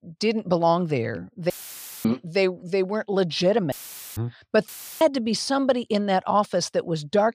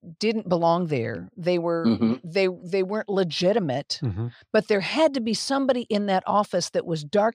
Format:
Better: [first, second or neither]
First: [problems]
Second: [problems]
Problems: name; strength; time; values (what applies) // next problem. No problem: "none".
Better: second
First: audio cutting out; filled with static; at 1.5 s for 0.5 s, at 3.5 s and at 4.5 s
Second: none